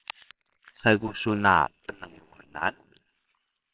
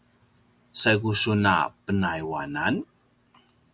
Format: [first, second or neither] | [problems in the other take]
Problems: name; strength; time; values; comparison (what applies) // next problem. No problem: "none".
second | noise reduction (neural separator model SepFormer WHAMR!)